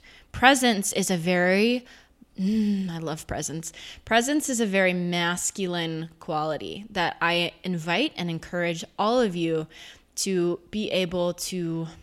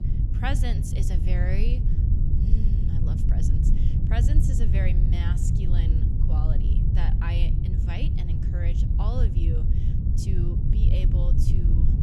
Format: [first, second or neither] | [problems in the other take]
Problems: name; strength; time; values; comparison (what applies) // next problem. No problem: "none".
first | low rumble; loud; throughout; as loud as the speech